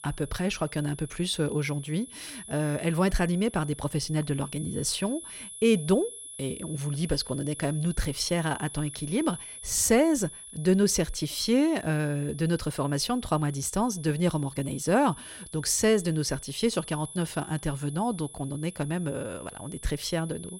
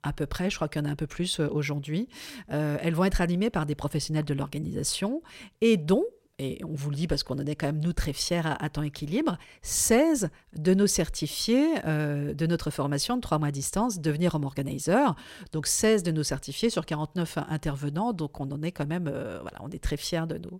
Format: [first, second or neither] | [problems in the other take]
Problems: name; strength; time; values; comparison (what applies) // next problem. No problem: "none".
second | high-pitched whine; noticeable; throughout; 10.5 kHz, 15 dB below the speech